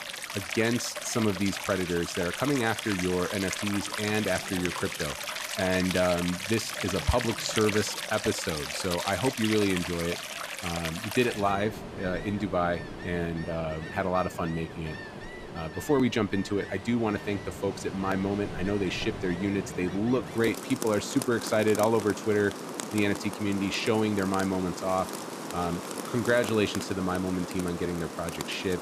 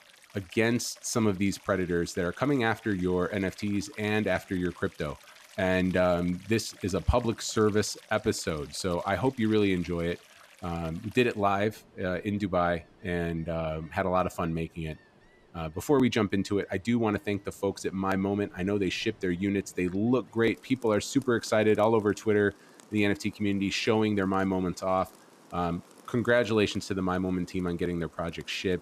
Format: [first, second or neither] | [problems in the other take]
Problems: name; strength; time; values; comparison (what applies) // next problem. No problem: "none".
second | rain or running water; loud; throughout; 6 dB below the speech; faint in the second